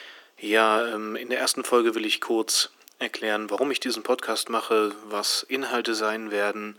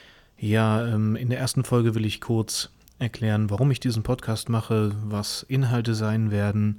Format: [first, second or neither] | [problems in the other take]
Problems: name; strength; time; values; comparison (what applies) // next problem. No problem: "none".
second | thin; very; fading below 300 Hz